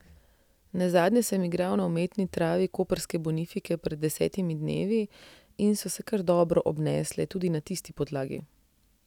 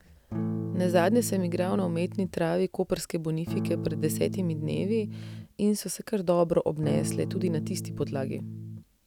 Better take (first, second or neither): first